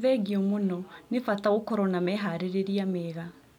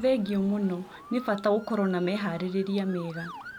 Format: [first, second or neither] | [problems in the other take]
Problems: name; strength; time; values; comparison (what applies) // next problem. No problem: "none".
first | background sound (Motor vehicle (road) / Siren); 18 dB below the speech